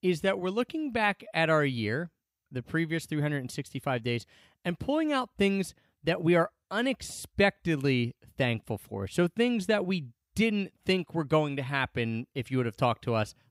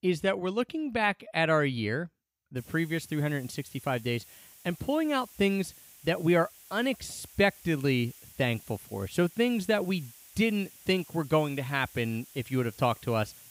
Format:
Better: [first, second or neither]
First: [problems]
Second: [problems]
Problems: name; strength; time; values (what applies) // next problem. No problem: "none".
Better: first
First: none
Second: hiss; faint; from 2.5 s on; 20 dB below the speech